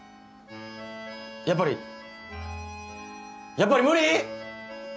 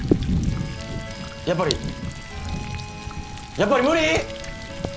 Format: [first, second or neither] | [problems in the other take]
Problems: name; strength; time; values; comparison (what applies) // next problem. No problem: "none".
first | background sound (Thunder); 2 dB below the speech